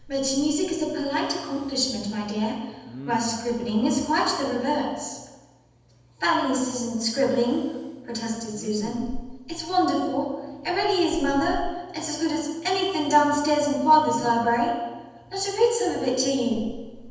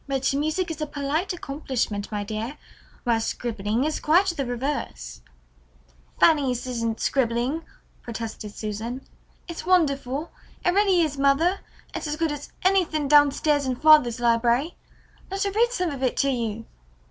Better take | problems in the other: second | background sound (Respiratory sounds); 17 dB below the speech // room echo; dies away in 1.1 s

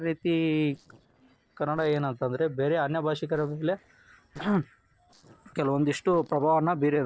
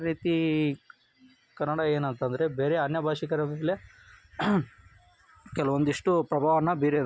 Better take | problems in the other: second | noise reduction (neural separator model SepFormer DNS4)

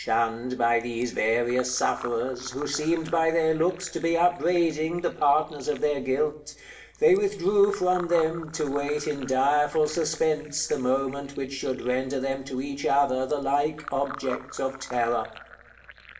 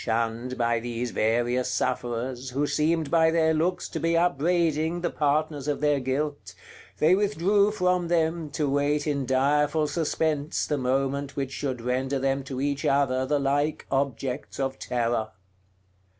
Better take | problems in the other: second | background sound (Fill (with liquid)); 19 dB below the speech // room echo; dies away in 0.6 s

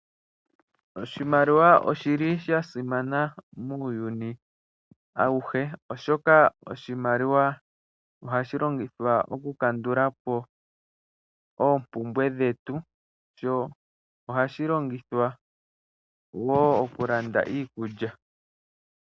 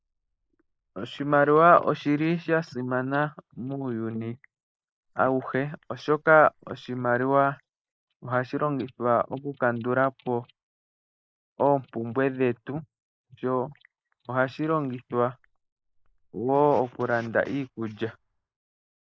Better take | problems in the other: first | noise reduction (neural mask model Resemble Enhance denoiser)

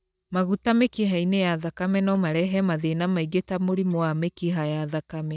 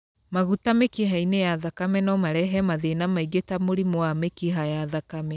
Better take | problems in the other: second | noise reduction (neural mask model DeepFilterNet 3)

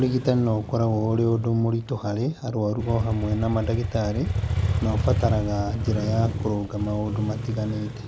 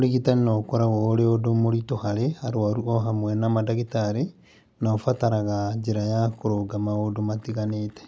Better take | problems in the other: second | background sound (Motorcycle); 4 dB below the speech

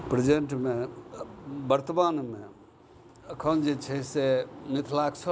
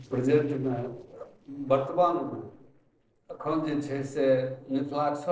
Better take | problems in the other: first | noise reduction (neural separator model SepFormer DNS4)

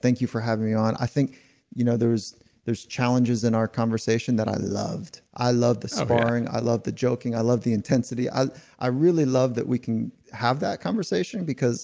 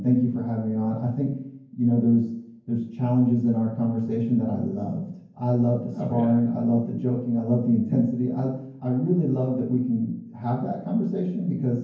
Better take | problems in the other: first | room echo; dies away in 0.9 s

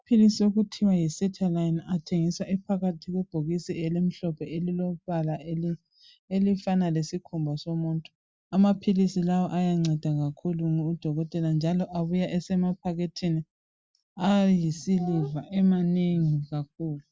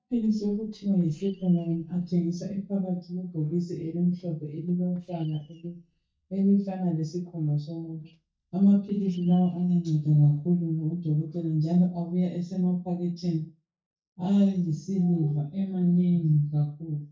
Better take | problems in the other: first | noise reduction (neural mask model DeepFilterNet 3)

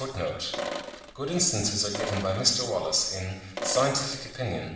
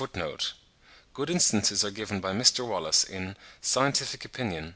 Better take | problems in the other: second | background sound (Sink (filling or washing)); 8 dB below the speech // room echo; dies away in 0.9 s

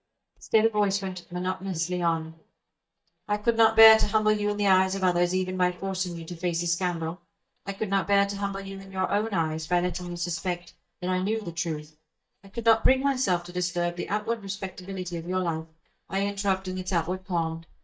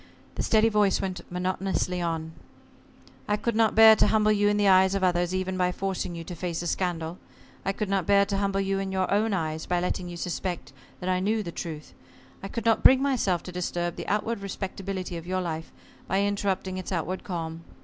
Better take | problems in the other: second | noise reduction (neural mask model DeepFilterNet 3)

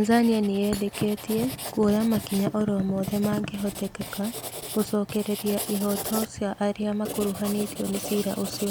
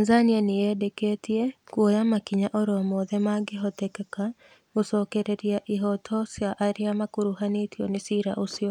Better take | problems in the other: second | background sound (Writing + Thump, thud); 9 dB below the speech

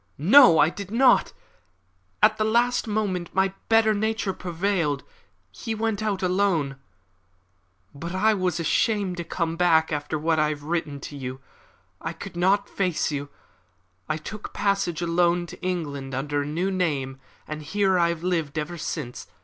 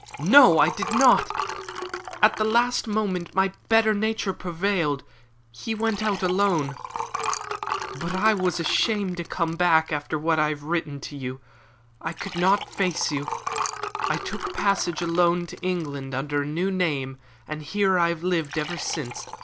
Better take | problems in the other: first | background sound (Liquid); 10 dB below the speech

